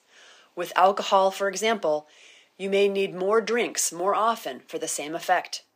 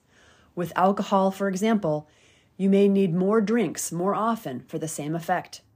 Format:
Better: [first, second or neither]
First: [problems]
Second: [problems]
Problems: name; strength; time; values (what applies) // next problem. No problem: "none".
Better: second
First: thin; very; fading below 500 Hz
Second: none